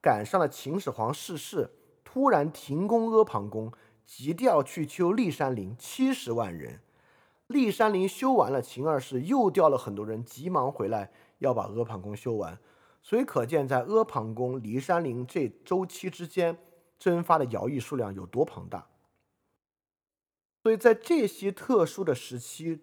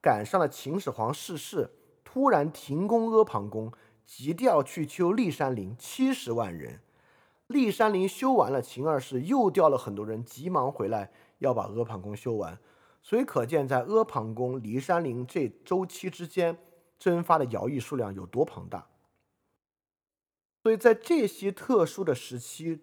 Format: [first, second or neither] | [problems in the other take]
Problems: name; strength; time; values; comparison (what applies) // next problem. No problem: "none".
neither | none